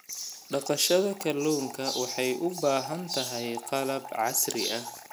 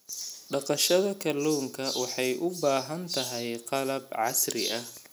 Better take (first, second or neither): second